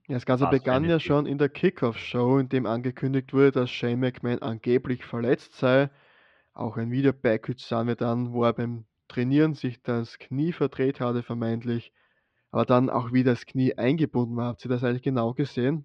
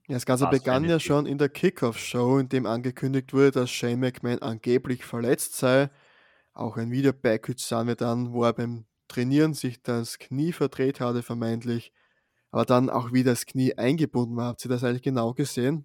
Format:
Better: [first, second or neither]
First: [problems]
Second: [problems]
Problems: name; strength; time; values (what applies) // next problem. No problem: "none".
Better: second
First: muffled; slightly; fading above 4 kHz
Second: none